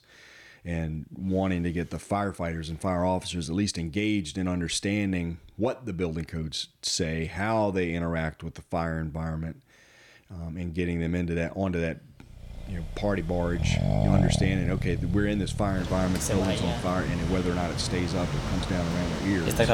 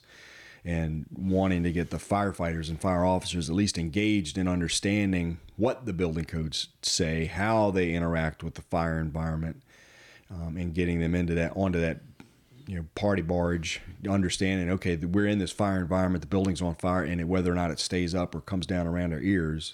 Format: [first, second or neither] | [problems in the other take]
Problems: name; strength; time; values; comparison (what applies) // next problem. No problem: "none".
second | traffic noise; loud; from 13 s on; as loud as the speech